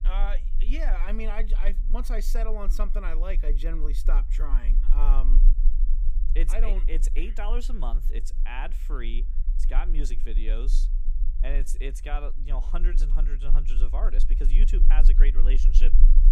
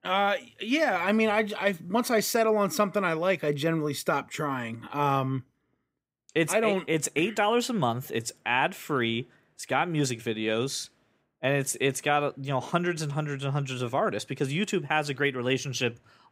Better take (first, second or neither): second